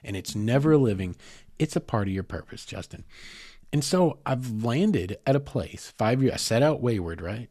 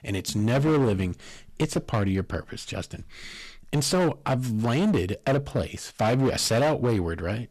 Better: first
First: none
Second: distortion; heavy; 13% of the sound clipped

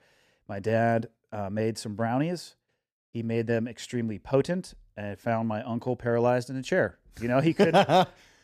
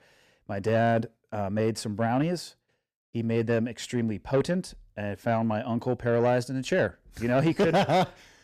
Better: first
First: none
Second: distortion; slight; 10 dB below the speech

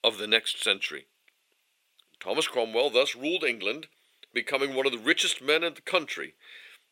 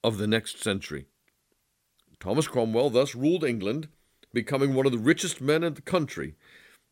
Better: second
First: thin; somewhat; fading below 500 Hz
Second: none

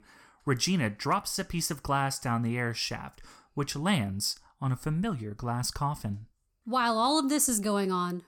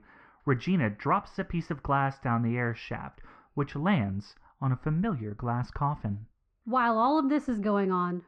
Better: first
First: none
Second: muffled; very; fading above 2 kHz

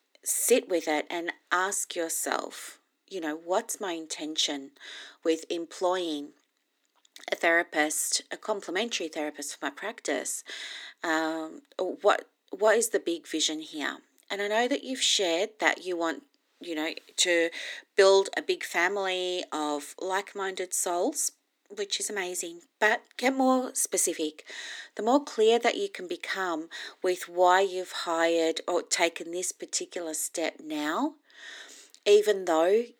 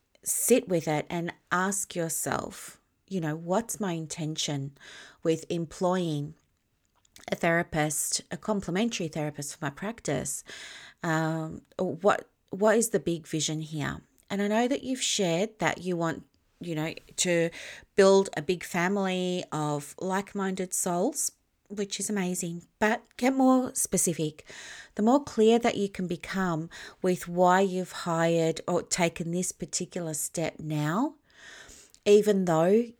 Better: second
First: thin; somewhat; fading below 300 Hz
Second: none

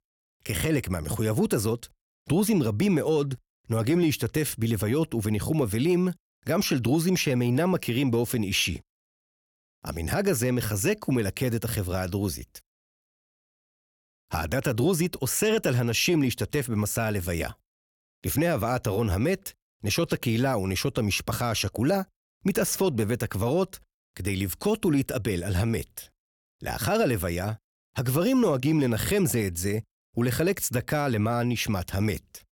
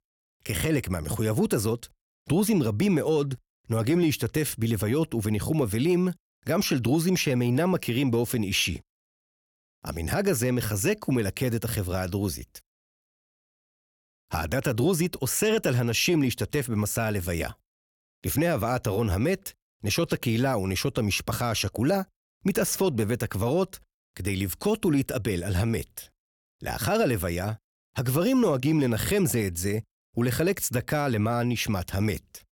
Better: neither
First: none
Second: none

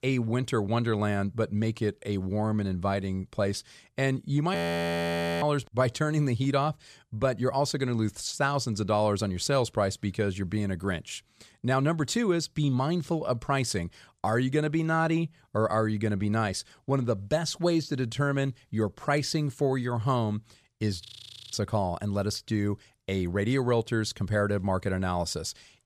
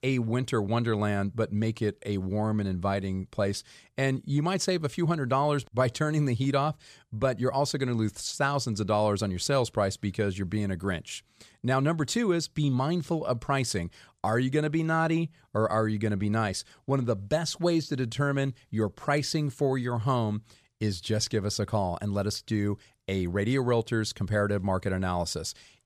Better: second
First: audio freezing; at 4.5 s for 1 s and at 21 s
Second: none

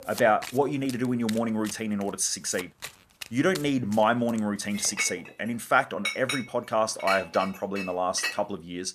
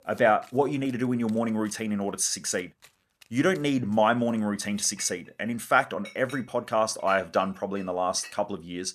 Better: second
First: household noises; loud; throughout; 9 dB below the speech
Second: household noises; faint; throughout; 25 dB below the speech

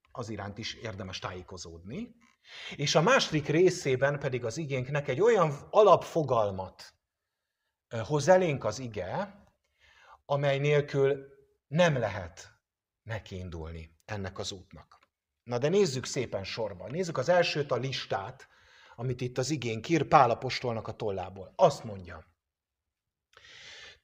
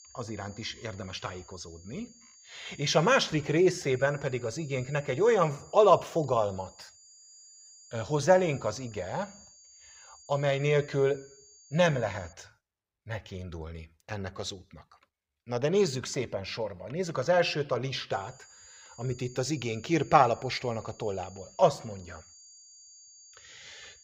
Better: first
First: none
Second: high-pitched whine; faint; until 12 s and from 18 s on; 6.5 kHz, 25 dB below the speech

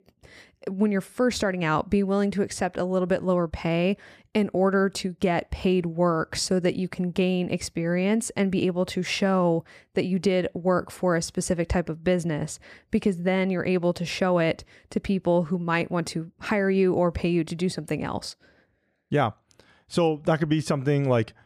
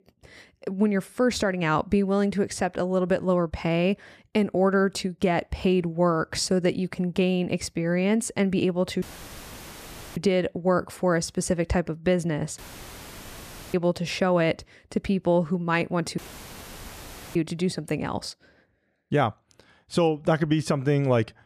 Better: first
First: none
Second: audio cutting out; filled with static; at 9 s for 1 s, at 13 s for 1 s and at 16 s for 1 s

